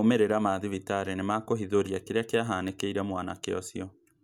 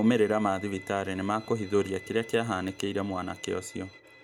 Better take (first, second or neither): first